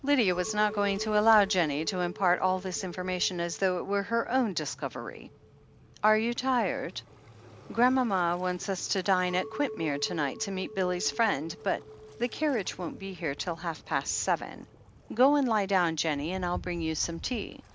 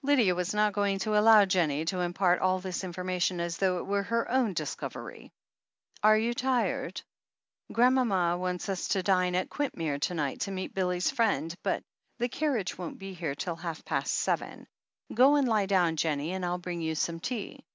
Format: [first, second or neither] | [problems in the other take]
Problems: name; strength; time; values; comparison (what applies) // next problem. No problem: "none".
second | background sound (Waves, surf + Chink, clink); 17 dB below the speech